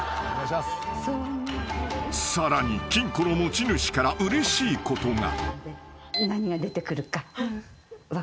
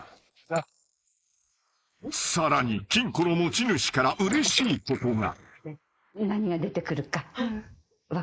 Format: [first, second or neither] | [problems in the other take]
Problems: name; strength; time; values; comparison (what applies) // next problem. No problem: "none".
first | noise reduction (neural mask model Resemble Enhance denoiser)